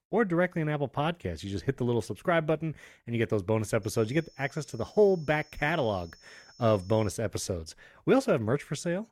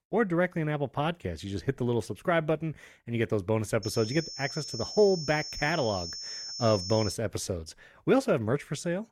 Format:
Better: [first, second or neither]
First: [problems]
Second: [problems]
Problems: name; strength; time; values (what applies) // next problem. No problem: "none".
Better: first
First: high-pitched whine; faint; from 4 to 7 s; 5.5 kHz, 25 dB below the speech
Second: high-pitched whine; loud; from 4 to 7 s; 5.5 kHz, 7 dB below the speech